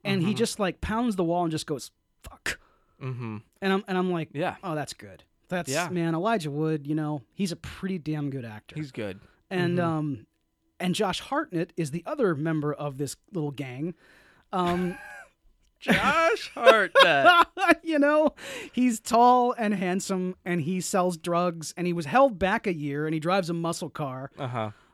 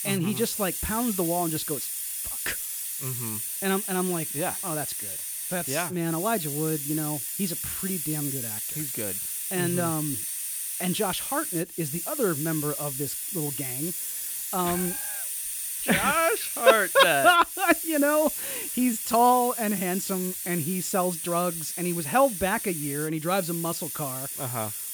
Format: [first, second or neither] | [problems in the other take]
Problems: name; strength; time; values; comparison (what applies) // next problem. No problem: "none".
first | hiss; loud; throughout; 3 dB below the speech